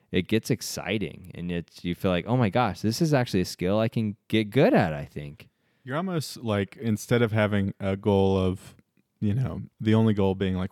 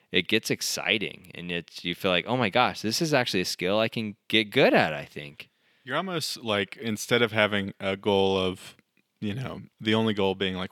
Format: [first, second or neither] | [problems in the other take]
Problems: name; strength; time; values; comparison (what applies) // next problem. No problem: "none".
first | thin; very slightly; fading below 750 Hz